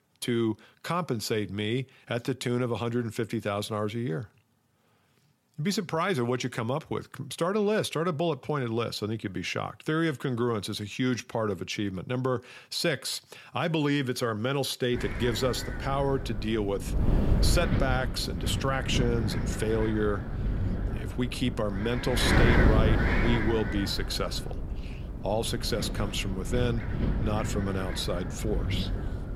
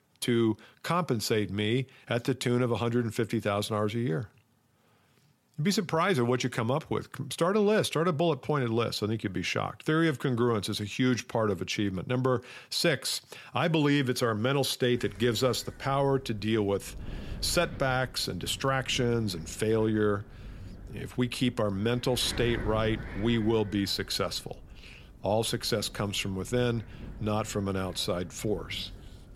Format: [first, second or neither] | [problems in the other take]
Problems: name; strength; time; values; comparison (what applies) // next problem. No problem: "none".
second | wind noise on the microphone; heavy; from 15 s on; 4 dB below the speech; occasional gusts in the second